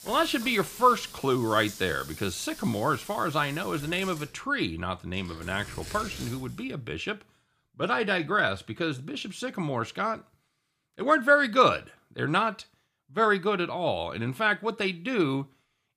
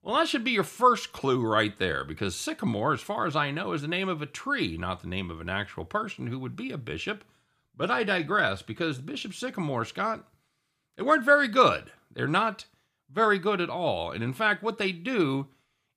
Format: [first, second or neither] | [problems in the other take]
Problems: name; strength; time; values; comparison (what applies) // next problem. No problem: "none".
second | household noises; noticeable; until 6 s; 15 dB below the speech